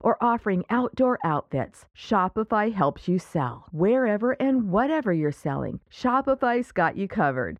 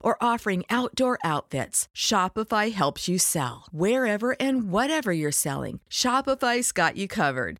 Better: second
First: muffled; very; fading above 3.5 kHz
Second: none

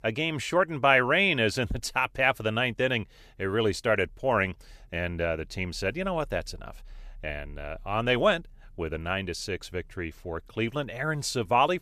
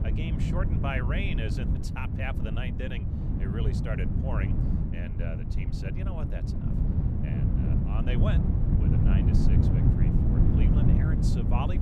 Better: first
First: none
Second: wind noise on the microphone; heavy; 1 dB above the speech

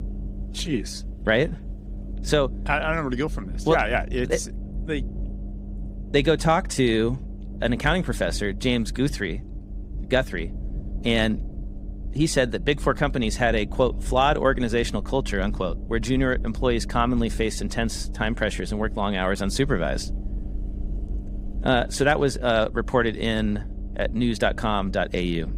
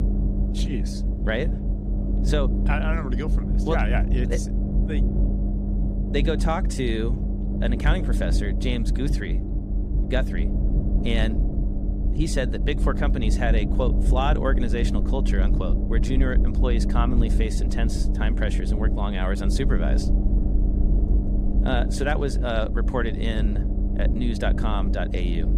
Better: first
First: low rumble; faint; throughout; 20 dB below the speech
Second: low rumble; loud; throughout; 6 dB below the speech

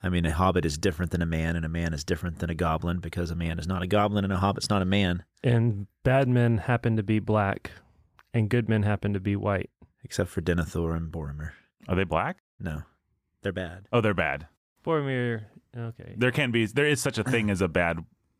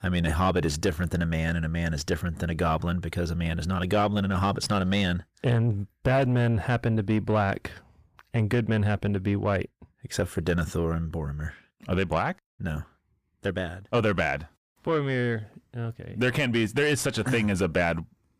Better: first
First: none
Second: distortion; slight; 10 dB below the speech

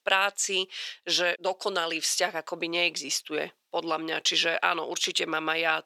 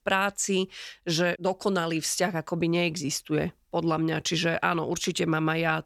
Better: second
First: thin; very; fading below 500 Hz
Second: none

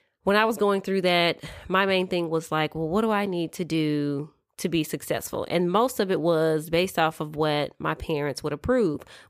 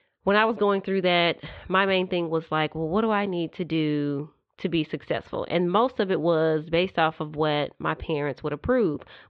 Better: first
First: none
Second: muffled; slightly; fading above 3.5 kHz

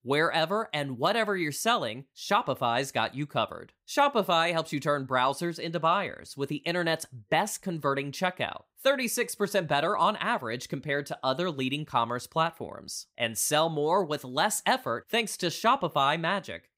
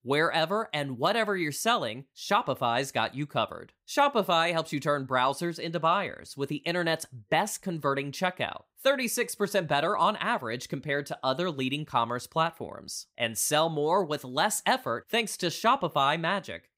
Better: neither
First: none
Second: none

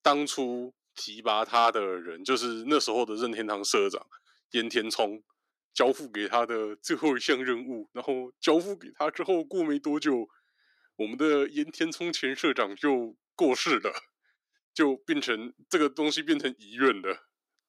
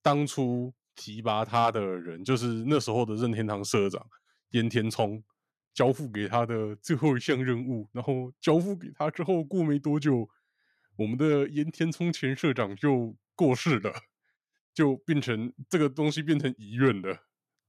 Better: second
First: thin; very slightly; fading below 300 Hz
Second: none

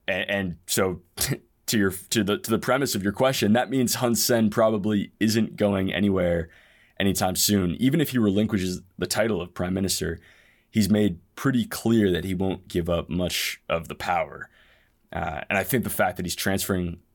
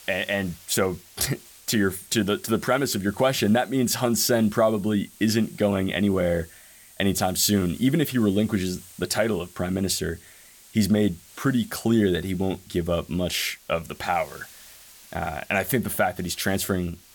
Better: first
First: none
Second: hiss; faint; throughout; 20 dB below the speech

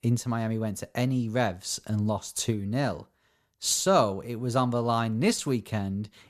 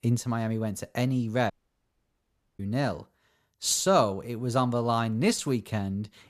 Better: first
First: none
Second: audio cutting out; at 1.5 s for 1 s

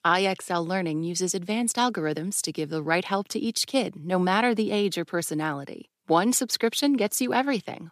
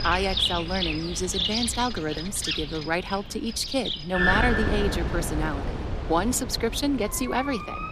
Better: first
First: none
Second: animal sounds; loud; throughout; 1 dB below the speech

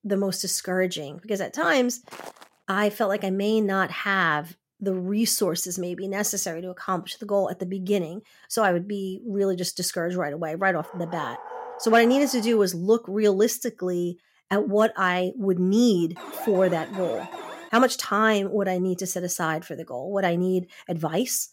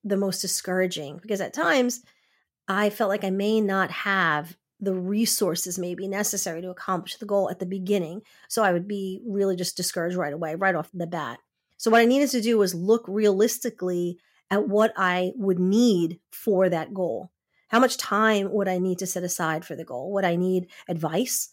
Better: second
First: footsteps; faint; at 2 s; peak 15 dB below the speech // dog barking; faint; from 11 to 13 s; peak 10 dB below the speech // alarm; faint; from 16 to 18 s; peak 10 dB below the speech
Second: none

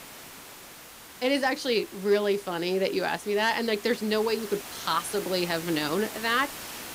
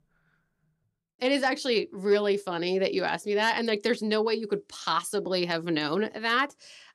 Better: second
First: hiss; noticeable; throughout; 15 dB below the speech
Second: none

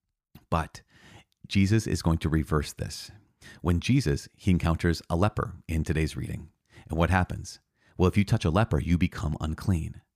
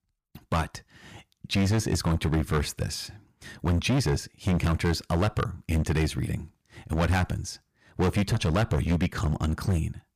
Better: first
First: none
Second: distortion; heavy; 13% of the sound clipped

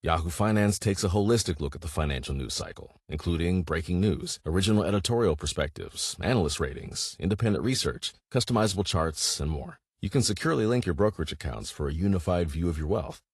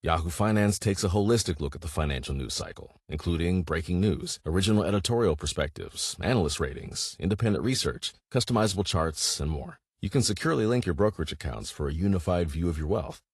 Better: neither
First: garbled, watery; slightly; nothing above 11.5 kHz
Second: garbled, watery; slightly; nothing above 11.5 kHz

